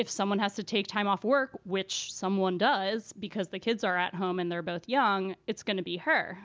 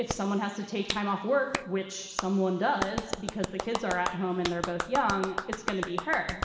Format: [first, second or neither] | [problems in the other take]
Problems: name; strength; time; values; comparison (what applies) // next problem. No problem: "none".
first | background sound (Clapping); 6 dB below the speech // room echo; dies away in 2 s